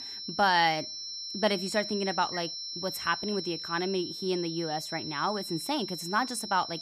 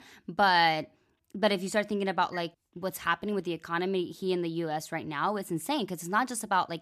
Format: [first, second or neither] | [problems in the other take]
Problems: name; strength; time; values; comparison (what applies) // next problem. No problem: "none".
second | high-pitched whine; loud; throughout; 5.5 kHz, 6 dB below the speech